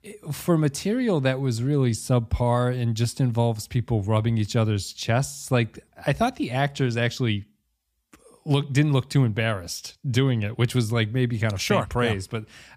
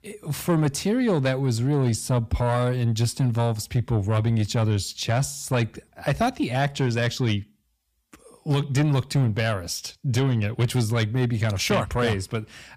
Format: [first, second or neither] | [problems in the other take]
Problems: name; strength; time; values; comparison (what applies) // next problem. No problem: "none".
first | distortion; slight; 10 dB below the speech